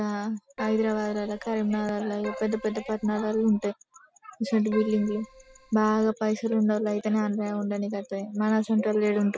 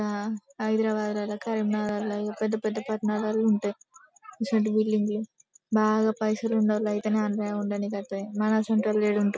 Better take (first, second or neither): second